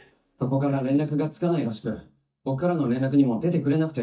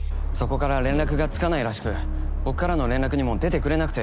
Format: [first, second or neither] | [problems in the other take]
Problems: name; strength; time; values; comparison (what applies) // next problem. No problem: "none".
second | noise reduction (neural mask model DeepFilterNet 3)